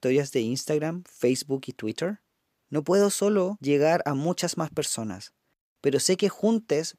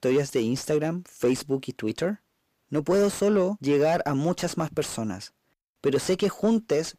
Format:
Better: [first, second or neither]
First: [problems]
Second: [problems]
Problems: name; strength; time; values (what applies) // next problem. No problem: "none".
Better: first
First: none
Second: distortion; slight; 10 dB below the speech